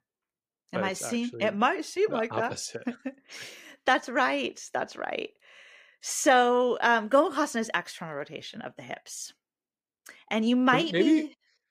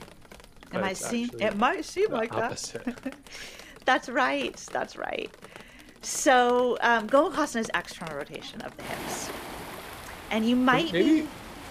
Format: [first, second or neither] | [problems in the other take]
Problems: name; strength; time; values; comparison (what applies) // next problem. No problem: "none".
first | rain or running water; noticeable; throughout; 15 dB below the speech